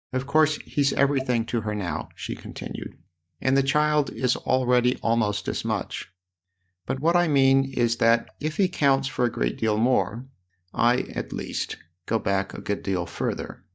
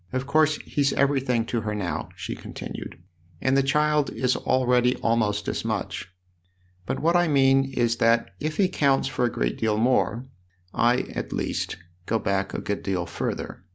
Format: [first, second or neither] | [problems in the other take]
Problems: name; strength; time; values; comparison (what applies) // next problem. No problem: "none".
second | noise reduction (neural mask model DeepFilterNet 3)